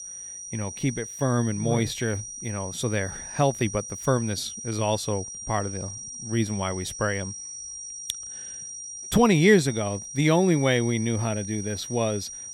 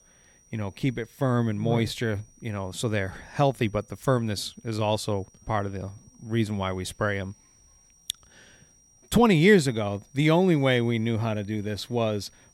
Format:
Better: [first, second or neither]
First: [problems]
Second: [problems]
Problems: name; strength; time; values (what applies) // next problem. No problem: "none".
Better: second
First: high-pitched whine; loud; throughout; 6 kHz, 9 dB below the speech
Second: high-pitched whine; faint; throughout; 6 kHz, 30 dB below the speech